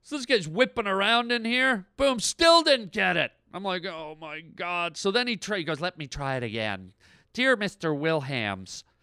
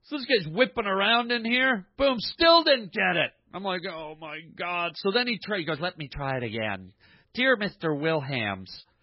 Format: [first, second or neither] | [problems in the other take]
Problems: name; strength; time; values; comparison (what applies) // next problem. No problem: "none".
first | garbled, watery; badly